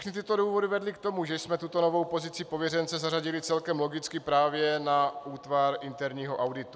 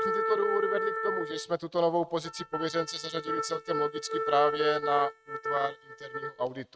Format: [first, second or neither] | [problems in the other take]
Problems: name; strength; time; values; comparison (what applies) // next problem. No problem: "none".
first | noise reduction (neural mask model RNNoise)